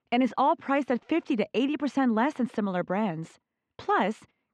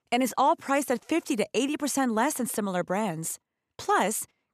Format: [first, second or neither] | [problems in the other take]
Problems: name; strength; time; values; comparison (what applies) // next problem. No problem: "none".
second | muffled; very; fading above 3.5 kHz